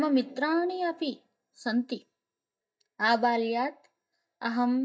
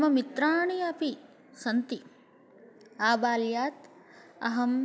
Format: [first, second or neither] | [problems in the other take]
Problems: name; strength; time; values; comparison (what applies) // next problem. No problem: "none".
second | noise reduction (neural mask model DeepFilterNet 3)